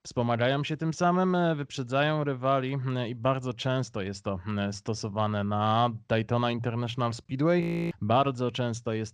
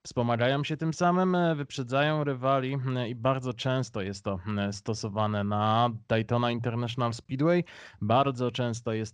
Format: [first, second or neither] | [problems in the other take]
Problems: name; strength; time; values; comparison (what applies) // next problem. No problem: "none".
second | audio freezing; at 7.5 s